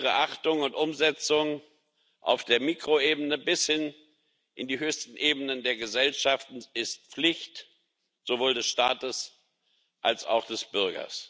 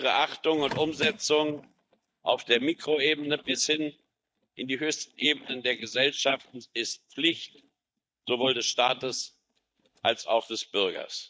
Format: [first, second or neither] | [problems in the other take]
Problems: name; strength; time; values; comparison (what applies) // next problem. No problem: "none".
first | noise reduction (neural mask model DeepFilterNet 3)